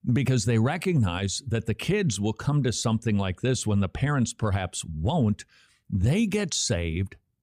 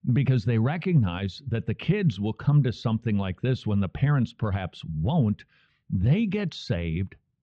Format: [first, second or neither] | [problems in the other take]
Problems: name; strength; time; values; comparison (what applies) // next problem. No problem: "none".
first | muffled; slightly; fading above 3.5 kHz